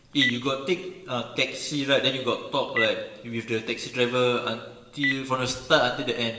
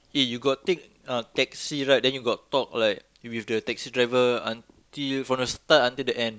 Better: second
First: background sound (Telephone); 10 dB below the speech // room echo; dies away in 1.2 s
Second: none

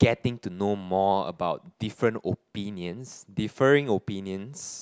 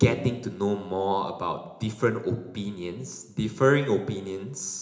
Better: first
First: none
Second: room echo; dies away in 0.8 s

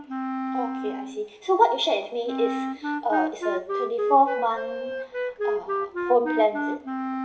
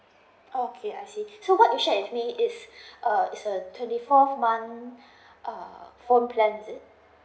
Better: second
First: background sound (Wind instrument, woodwind instrument); 3 dB below the speech // room echo; dies away in 1.1 s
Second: none

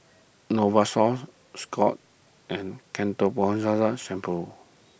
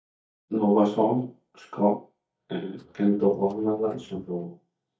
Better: first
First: none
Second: noise reduction (neural mask model DeepFilterNet 3)

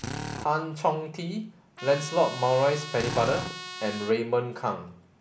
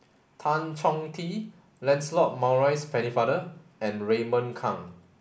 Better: second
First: background sound (Drill + Trumpet); 11 dB below the speech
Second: none

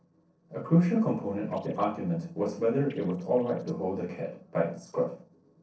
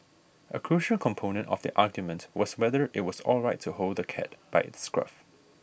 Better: second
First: noise reduction (neural separator model SepFormer DNS4)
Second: none

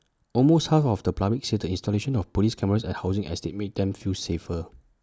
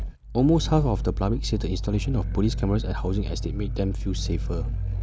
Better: first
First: none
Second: background sound (Growling); 2 dB below the speech

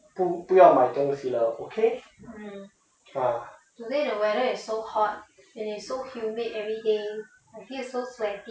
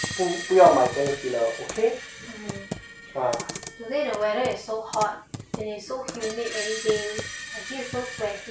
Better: first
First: none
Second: background sound (Computer keyboard + Screech); 10 dB below the speech

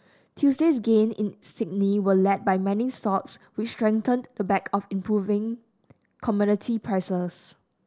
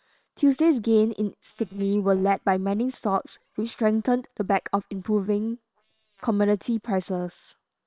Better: first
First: none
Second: noise reduction (neural separator model SepFormer WHAM!)

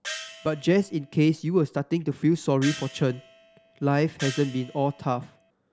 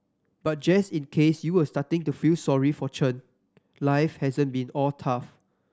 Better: second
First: background sound (Gong); 15 dB below the speech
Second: none

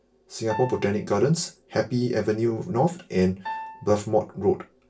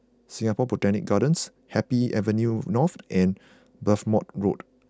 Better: second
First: background sound (Piano); 14 dB below the speech // room echo; dies away in 0.2 s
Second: none

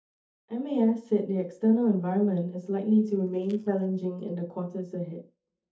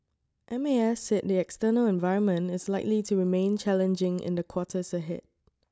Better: second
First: noise reduction (neural mask model DeepFilterNet 3)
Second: none

